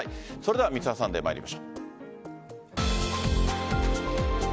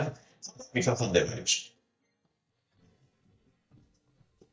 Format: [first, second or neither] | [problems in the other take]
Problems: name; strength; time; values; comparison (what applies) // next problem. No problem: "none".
first | noise reduction (neural mask model DeepFilterNet 3)